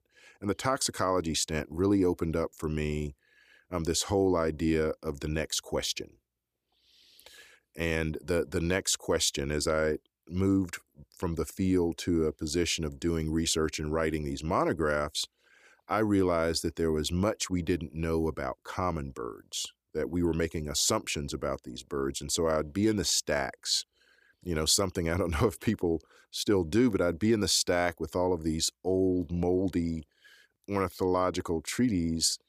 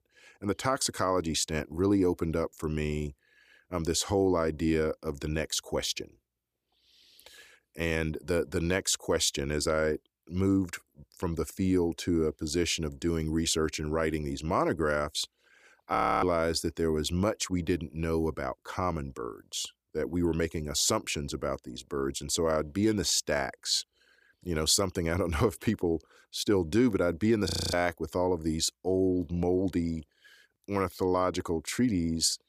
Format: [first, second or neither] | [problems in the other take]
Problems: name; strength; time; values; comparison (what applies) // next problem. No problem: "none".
first | audio freezing; at 16 s and at 27 s